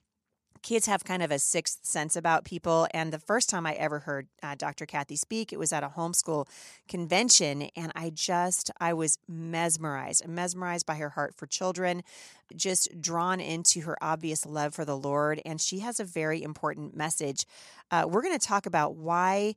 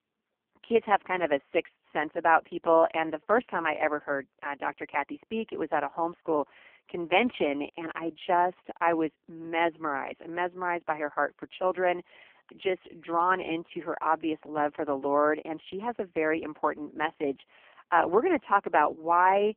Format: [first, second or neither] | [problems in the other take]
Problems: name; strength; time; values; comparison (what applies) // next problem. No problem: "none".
first | phone-call audio; poor line; nothing above 3 kHz